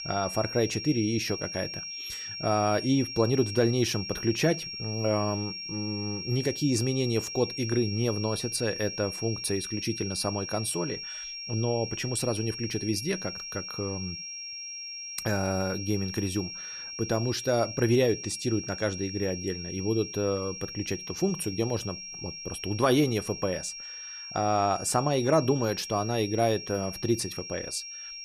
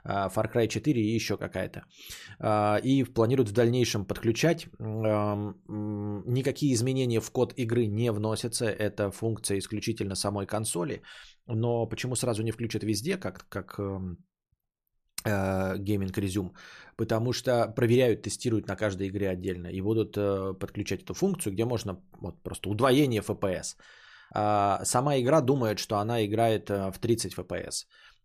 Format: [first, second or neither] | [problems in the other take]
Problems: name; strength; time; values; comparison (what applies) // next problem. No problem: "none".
second | high-pitched whine; loud; throughout; 5.5 kHz, 7 dB below the speech